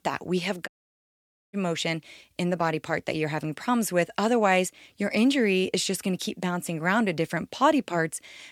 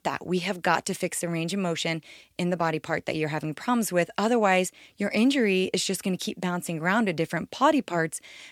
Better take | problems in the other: second | audio cutting out; at 0.5 s for 1 s

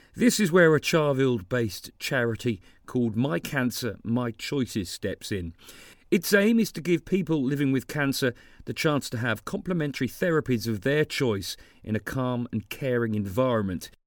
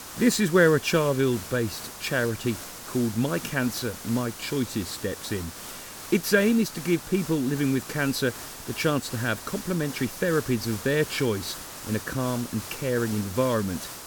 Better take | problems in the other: first | hiss; noticeable; throughout; 10 dB below the speech

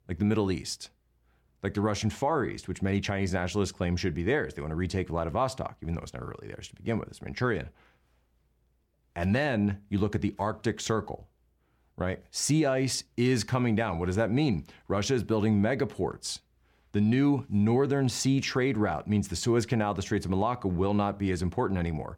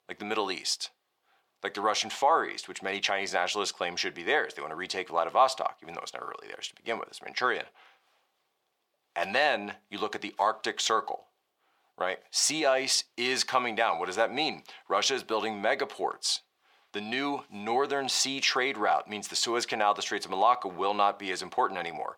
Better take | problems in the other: first | thin; very; fading below 600 Hz

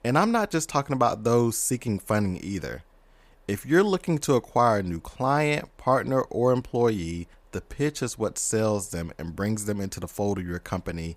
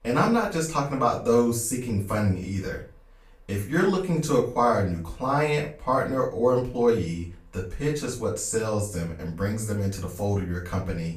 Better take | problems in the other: first | off-mic speech; far // room echo; slight; dies away in 0.3 s

